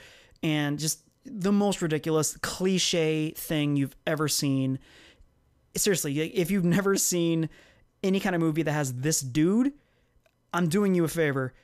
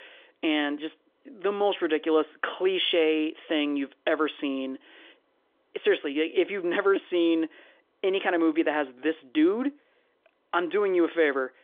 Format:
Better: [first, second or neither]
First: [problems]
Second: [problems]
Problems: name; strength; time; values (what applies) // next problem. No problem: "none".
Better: first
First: none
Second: phone-call audio; nothing above 3.5 kHz